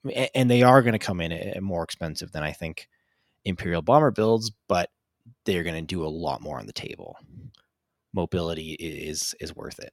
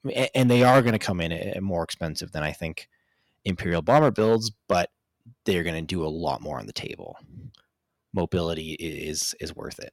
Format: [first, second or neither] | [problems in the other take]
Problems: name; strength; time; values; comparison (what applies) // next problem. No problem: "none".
first | distortion; slight; 1% of the sound clipped